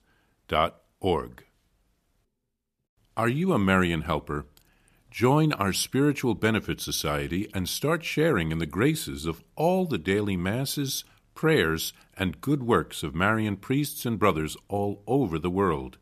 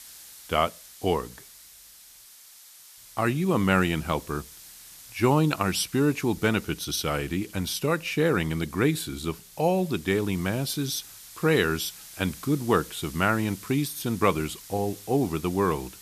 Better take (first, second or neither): first